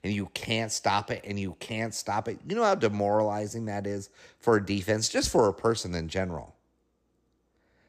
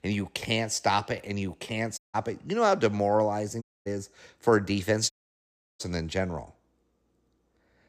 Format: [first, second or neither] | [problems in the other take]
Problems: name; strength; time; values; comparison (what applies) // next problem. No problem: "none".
first | audio cutting out; at 2 s, at 3.5 s and at 5 s for 0.5 s